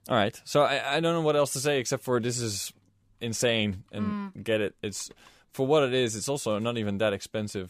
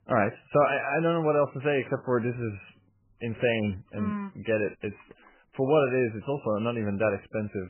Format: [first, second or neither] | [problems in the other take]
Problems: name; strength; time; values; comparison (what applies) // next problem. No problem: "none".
first | garbled, watery; badly; nothing above 3 kHz